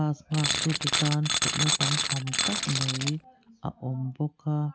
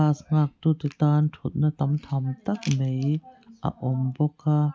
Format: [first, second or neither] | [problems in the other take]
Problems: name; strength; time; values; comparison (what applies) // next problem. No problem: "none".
second | background sound (Tools); 2 dB above the speech